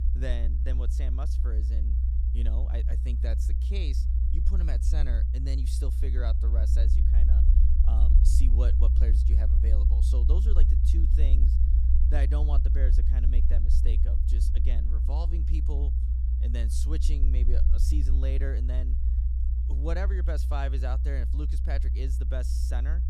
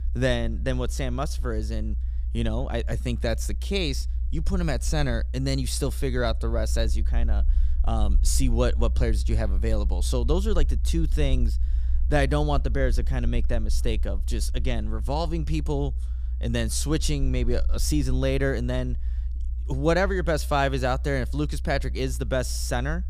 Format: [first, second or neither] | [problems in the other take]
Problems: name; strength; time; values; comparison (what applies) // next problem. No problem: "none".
second | low rumble; loud; throughout; 3 dB below the speech; faint in the second